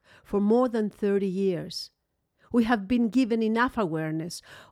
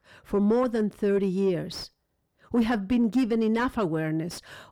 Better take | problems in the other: first | distortion; slight; 10 dB below the speech

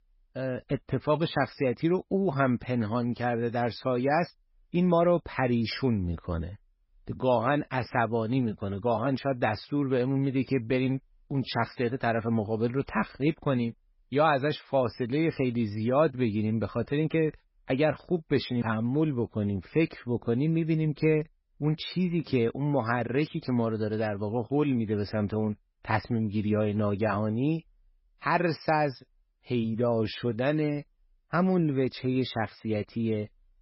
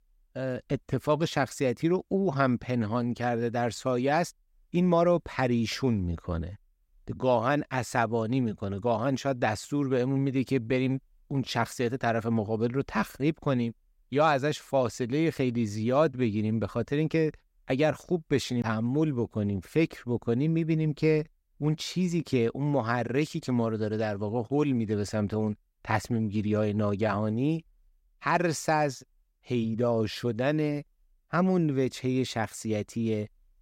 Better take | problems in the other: second | garbled, watery; badly; nothing above 5.5 kHz

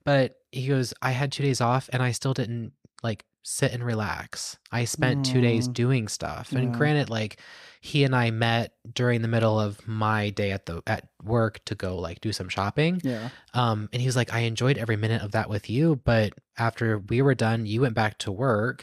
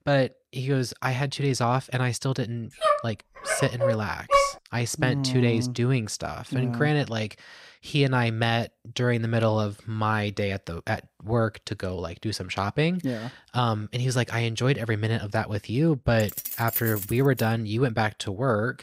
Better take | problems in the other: first | dog barking; loud; from 3 to 4.5 s; peak 4 dB above the speech // jangling keys; noticeable; from 16 to 17 s; peak 2 dB below the speech

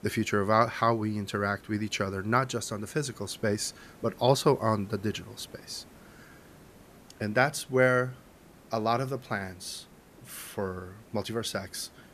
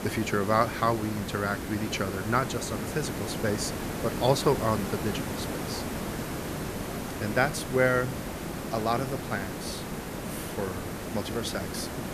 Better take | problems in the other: first | hiss; loud; throughout; 5 dB below the speech; faint in the first

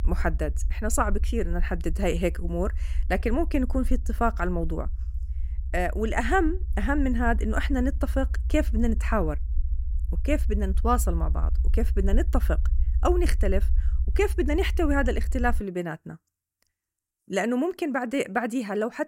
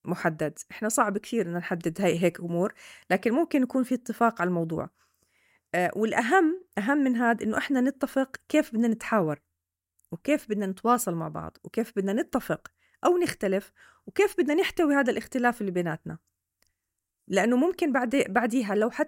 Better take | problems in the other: second | low rumble; faint; until 16 s; 20 dB below the speech

